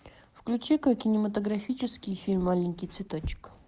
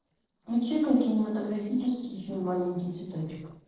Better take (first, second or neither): first